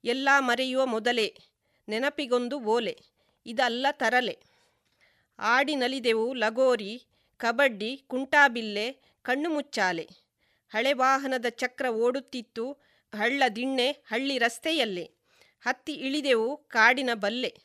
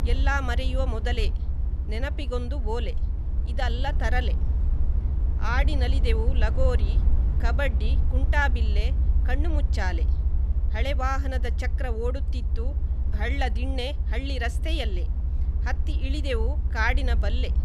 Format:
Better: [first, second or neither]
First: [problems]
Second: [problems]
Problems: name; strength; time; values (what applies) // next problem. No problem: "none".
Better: first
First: none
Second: low rumble; noticeable; throughout; 15 dB below the speech